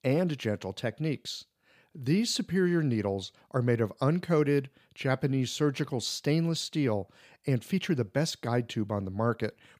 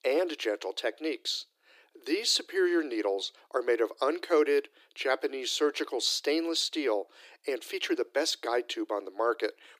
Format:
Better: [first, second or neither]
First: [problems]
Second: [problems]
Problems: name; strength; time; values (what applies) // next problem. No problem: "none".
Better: first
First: none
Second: thin; very; fading below 300 Hz